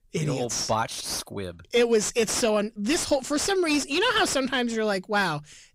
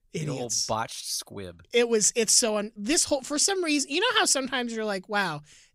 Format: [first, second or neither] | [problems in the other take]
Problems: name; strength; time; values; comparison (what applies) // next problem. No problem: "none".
second | distortion; heavy; 6 dB below the speech